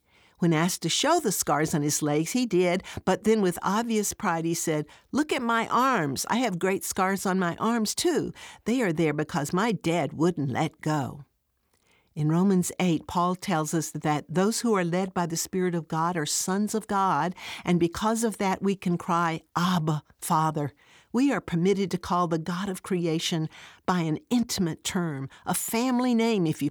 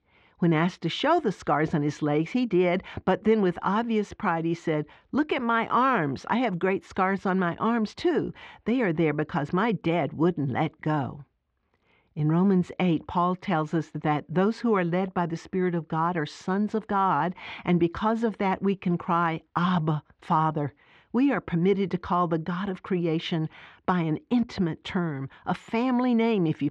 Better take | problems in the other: first | muffled; very; fading above 3 kHz

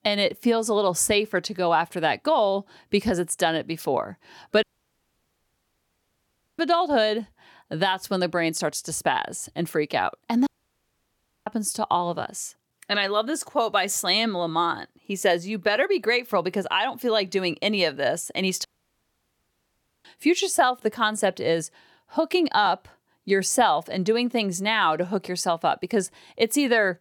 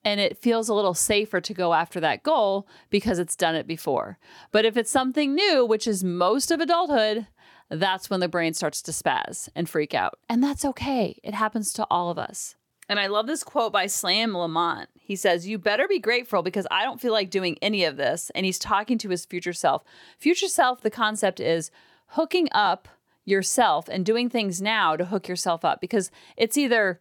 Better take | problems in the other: second | audio cutting out; at 4.5 s for 2 s, at 10 s for 1 s and at 19 s for 1.5 s

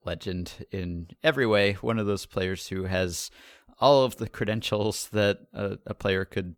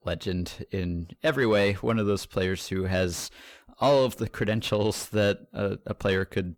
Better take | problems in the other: first | distortion; slight; 10 dB below the speech

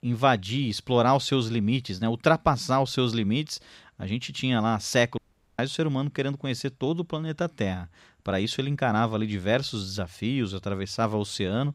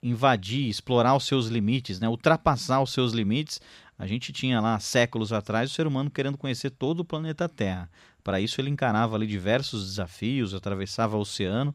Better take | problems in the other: second | audio cutting out; at 5 s

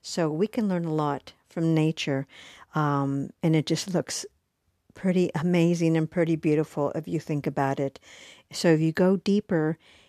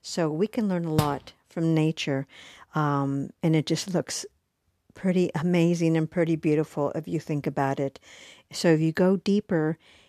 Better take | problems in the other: first | door banging; noticeable; at 1 s; peak 5 dB below the speech

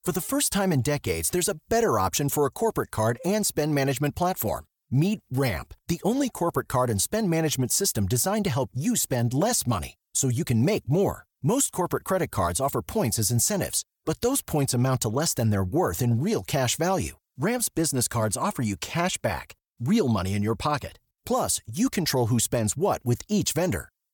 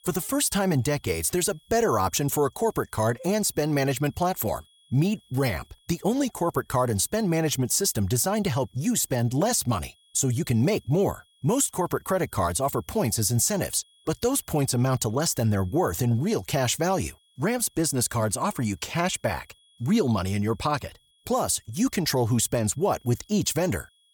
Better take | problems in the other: first | high-pitched whine; faint; throughout; 3.5 kHz, 35 dB below the speech

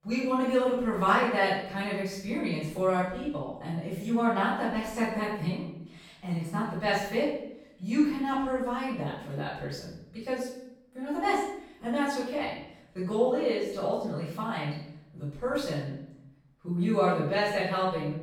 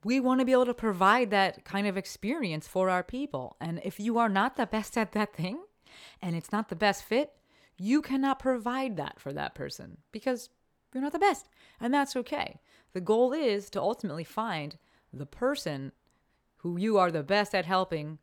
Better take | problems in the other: second | off-mic speech; far // room echo; noticeable; dies away in 0.7 s

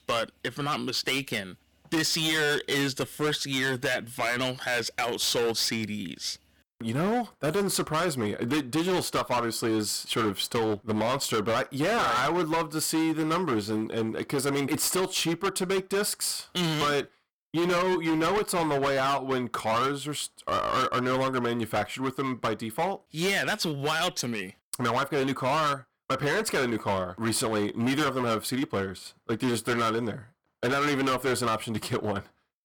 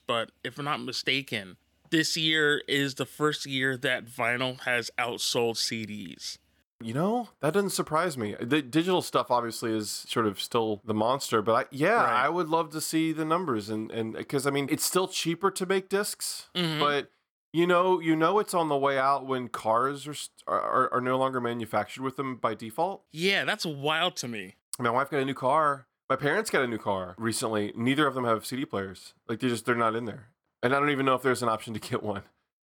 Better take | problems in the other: second | distortion; heavy; 18% of the sound clipped

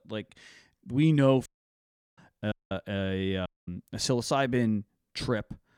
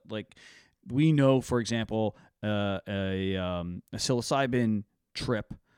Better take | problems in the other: second | audio cutting out; at 1.5 s for 0.5 s, at 2.5 s and at 3.5 s

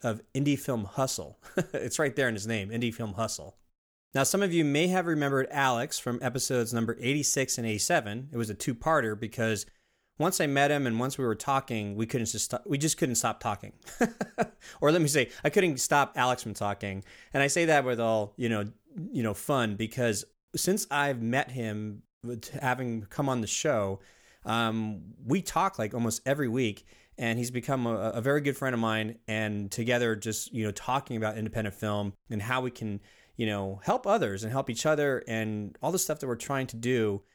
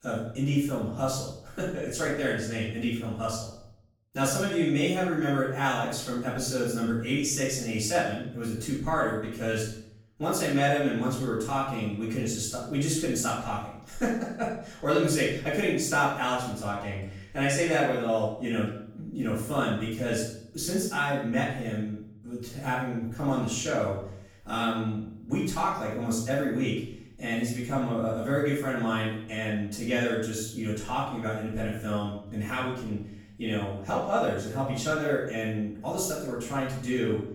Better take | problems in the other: first | off-mic speech; far // room echo; noticeable; dies away in 0.6 s

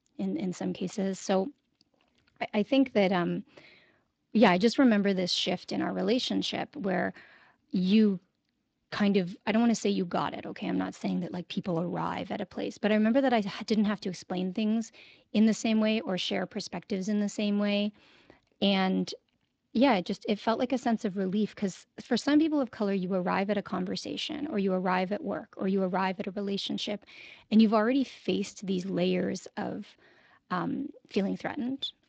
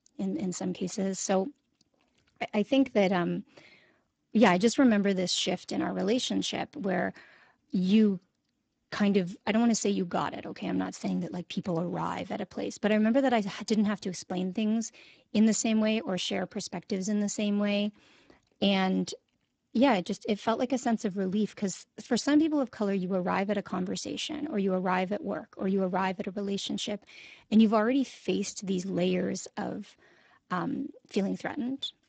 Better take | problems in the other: first | garbled, watery; badly; nothing above 7.5 kHz; slightly in the first

